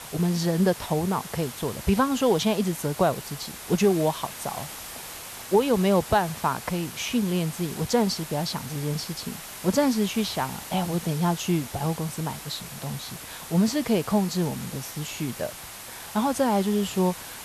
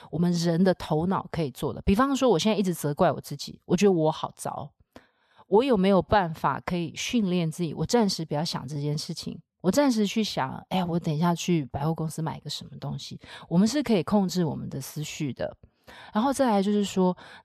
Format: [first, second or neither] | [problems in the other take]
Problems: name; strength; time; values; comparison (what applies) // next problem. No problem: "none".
second | hiss; noticeable; throughout; 10 dB below the speech